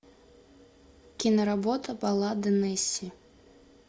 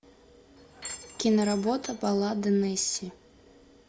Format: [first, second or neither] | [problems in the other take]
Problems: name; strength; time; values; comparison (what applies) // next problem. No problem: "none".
first | background sound (Door / Chime); 15 dB below the speech